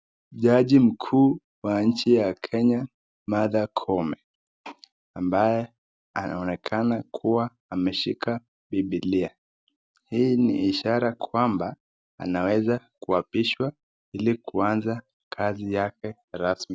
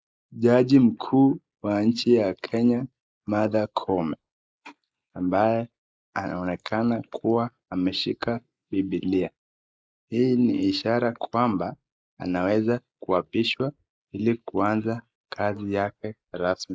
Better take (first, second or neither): first